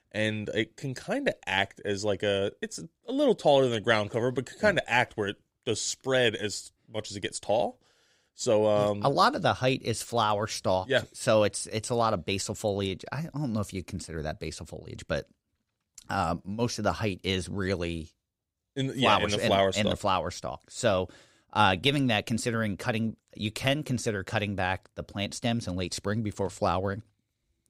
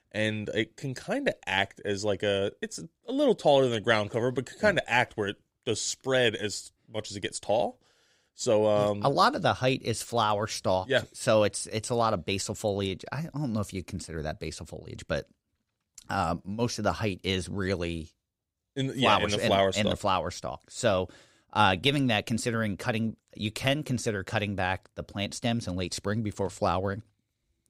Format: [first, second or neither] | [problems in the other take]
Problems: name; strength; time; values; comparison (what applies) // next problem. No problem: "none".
neither | none